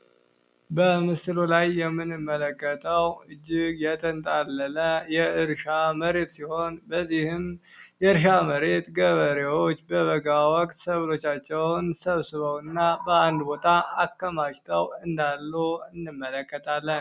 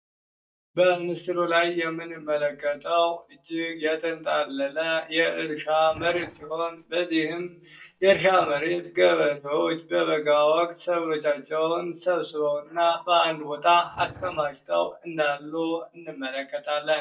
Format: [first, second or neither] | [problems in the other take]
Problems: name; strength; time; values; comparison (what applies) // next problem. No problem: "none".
first | noise reduction (neural mask model DeepFilterNet 3)